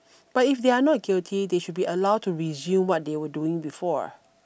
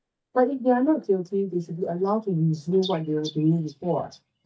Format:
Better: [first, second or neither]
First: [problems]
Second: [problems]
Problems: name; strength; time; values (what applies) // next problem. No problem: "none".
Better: first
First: none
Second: noise reduction (neural mask model DeepFilterNet 3)